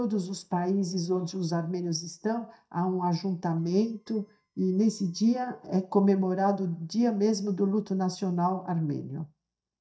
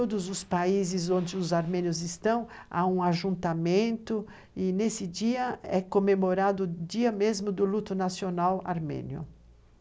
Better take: second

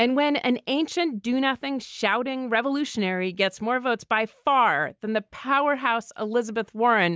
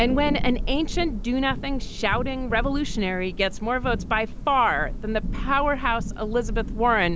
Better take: first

